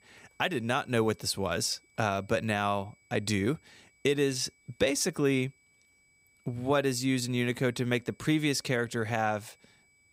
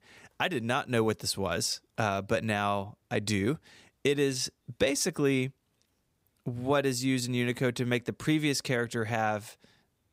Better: second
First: high-pitched whine; faint; throughout; 2.5 kHz, 35 dB below the speech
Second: none

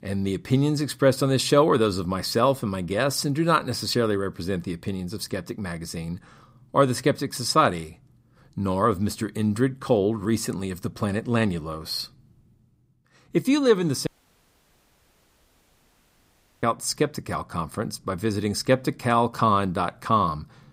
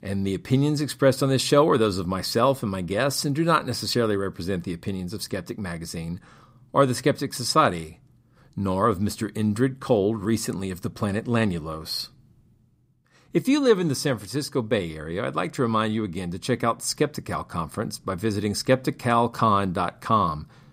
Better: second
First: audio cutting out; at 14 s for 2.5 s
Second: none

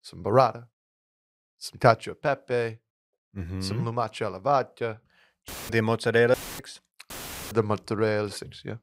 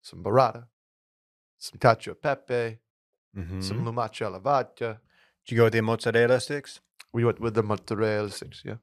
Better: second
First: audio cutting out; filled with static; at 5.5 s, at 6.5 s and at 7 s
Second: none

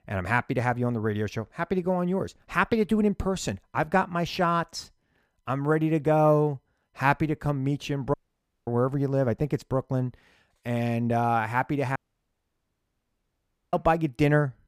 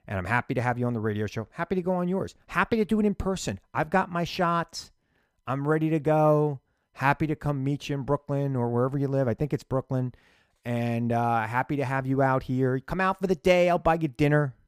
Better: second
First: audio cutting out; at 8 s for 0.5 s and at 12 s for 2 s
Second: none

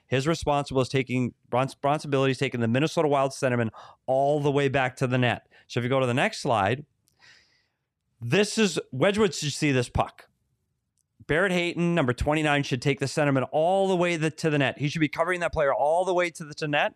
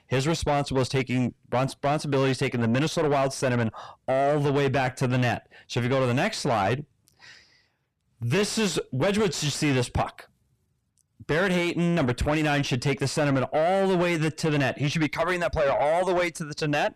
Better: first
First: none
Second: distortion; heavy; 7 dB below the speech

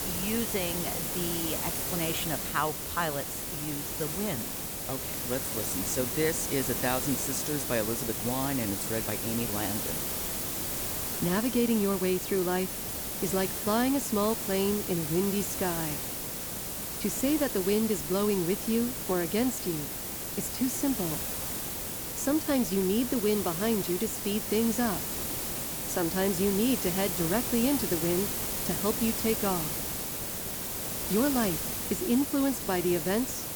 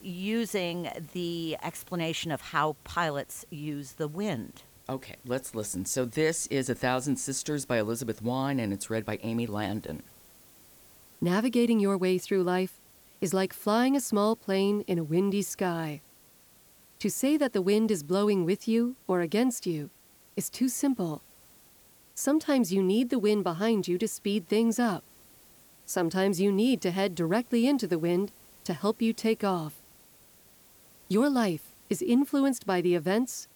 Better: second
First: hiss; loud; throughout; 1 dB below the speech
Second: hiss; faint; throughout; 25 dB below the speech

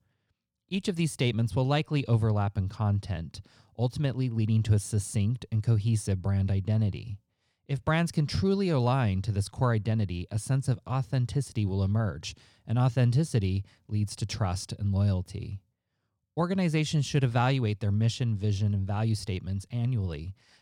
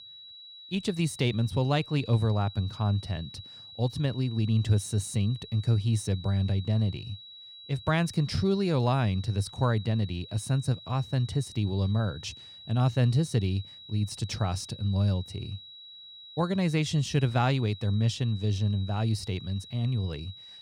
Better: first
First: none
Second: high-pitched whine; noticeable; throughout; 4 kHz, 15 dB below the speech

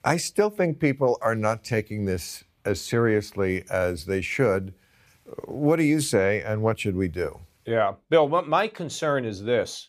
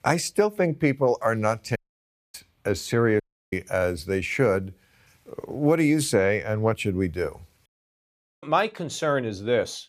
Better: first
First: none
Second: audio cutting out; at 2 s for 0.5 s, at 3 s and at 7.5 s for 1 s

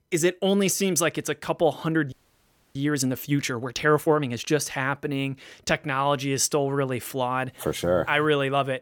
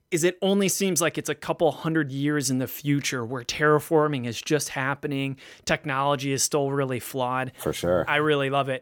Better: second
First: audio freezing; at 2 s for 0.5 s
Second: none

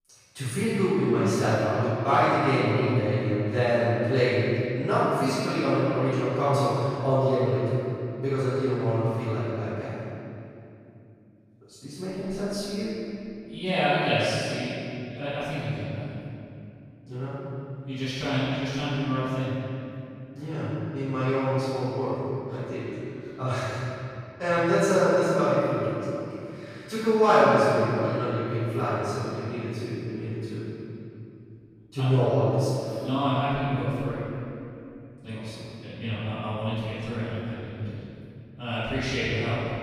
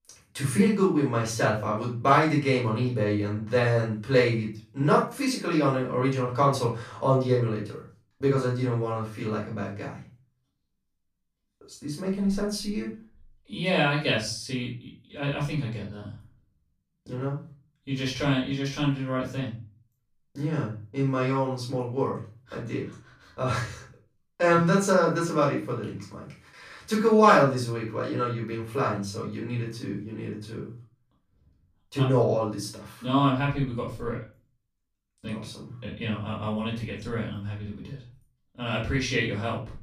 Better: second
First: room echo; strong; dies away in 2.6 s // off-mic speech; far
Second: room echo; slight; dies away in 0.3 s // off-mic speech; far

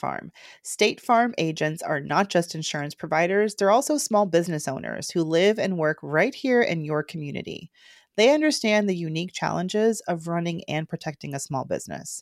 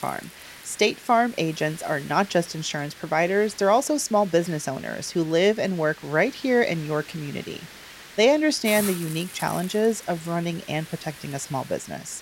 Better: first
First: none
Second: hiss; noticeable; throughout; 15 dB below the speech

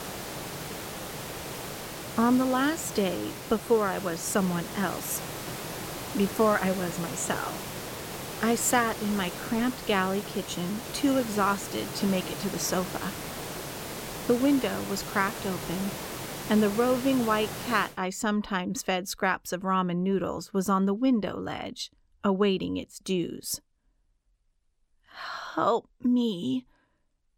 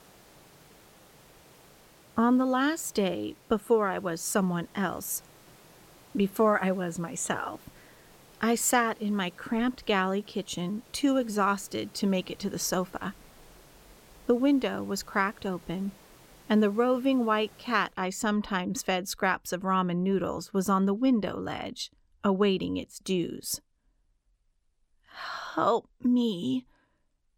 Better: second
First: hiss; loud; until 18 s; 8 dB below the speech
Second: hiss; faint; until 18 s; 25 dB below the speech

